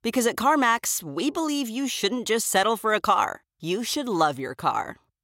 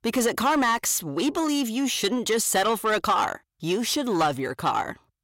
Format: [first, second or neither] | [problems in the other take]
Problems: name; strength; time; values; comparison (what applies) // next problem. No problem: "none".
first | distortion; slight; 10 dB below the speech